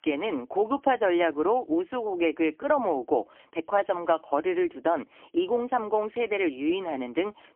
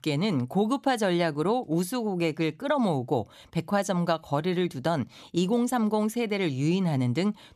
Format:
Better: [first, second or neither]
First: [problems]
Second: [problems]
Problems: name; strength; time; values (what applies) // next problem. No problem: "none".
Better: second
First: phone-call audio; poor line; nothing above 3 kHz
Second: none